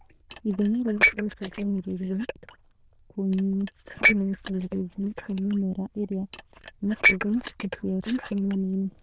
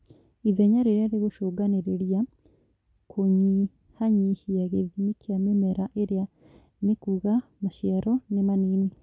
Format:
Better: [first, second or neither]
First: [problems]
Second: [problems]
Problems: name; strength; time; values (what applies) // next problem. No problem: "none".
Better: second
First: noise reduction (neural diffusion model UNIVERSE++)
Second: none